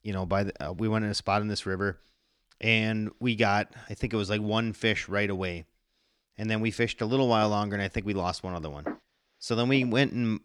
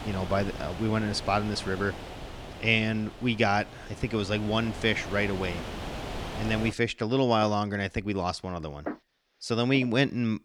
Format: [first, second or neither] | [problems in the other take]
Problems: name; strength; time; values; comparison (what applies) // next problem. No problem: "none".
first | wind noise on the microphone; occasional gusts; until 6.5 s; 10 dB below the speech